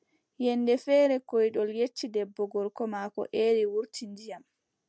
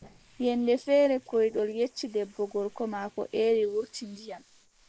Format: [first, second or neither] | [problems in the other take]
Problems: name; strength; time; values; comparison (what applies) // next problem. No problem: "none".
first | noise reduction (neural mask model Resemble Enhance denoiser)